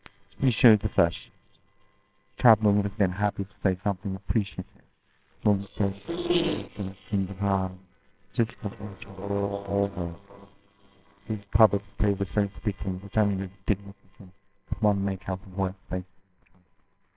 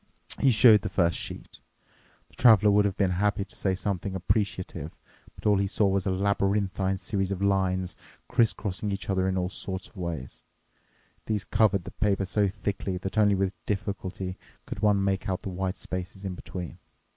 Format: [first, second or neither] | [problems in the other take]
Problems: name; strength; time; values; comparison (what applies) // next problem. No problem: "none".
second | noise reduction (neural separator model SepFormer WHAMR!)